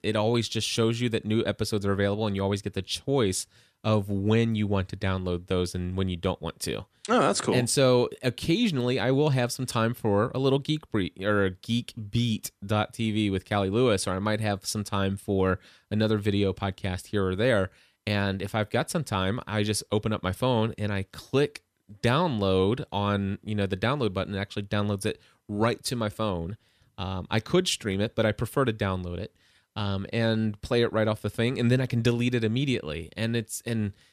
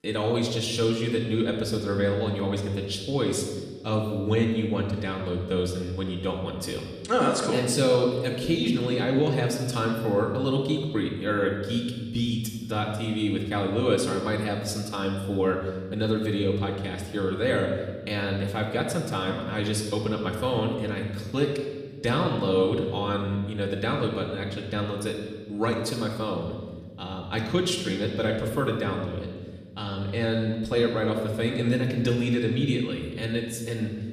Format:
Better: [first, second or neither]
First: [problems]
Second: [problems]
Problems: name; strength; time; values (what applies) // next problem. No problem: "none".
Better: first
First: none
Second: room echo; noticeable; dies away in 1.3 s // off-mic speech; far